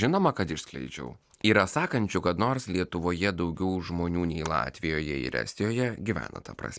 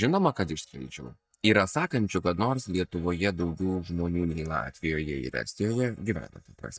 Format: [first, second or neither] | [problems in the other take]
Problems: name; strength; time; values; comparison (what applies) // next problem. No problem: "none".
first | noise reduction (neural mask model DeepFilterNet 3)